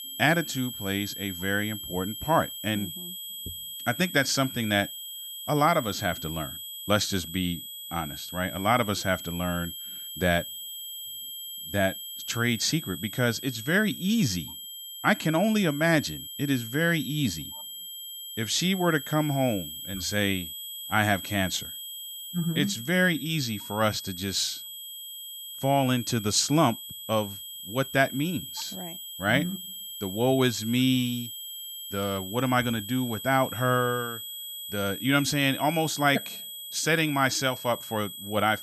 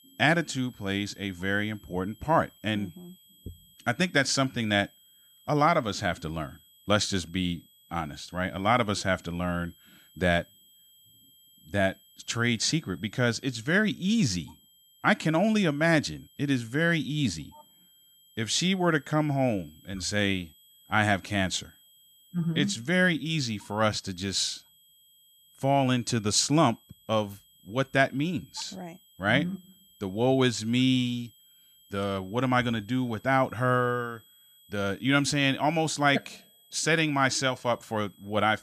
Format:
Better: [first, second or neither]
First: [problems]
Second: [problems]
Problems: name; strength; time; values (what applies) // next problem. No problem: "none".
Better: second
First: high-pitched whine; loud; throughout; 3.5 kHz, 9 dB below the speech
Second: high-pitched whine; faint; throughout; 3.5 kHz, 30 dB below the speech